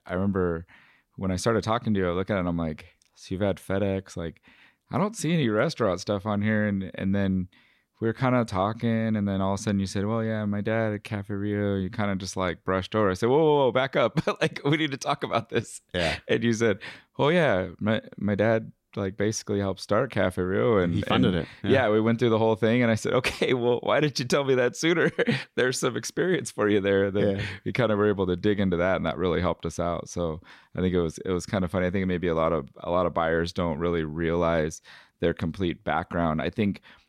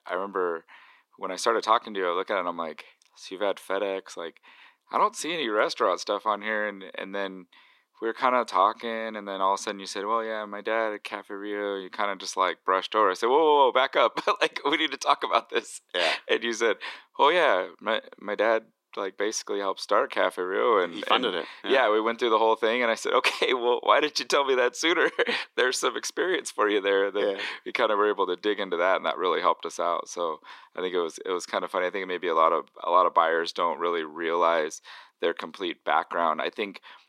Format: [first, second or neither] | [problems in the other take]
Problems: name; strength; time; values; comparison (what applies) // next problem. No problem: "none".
first | thin; very; fading below 350 Hz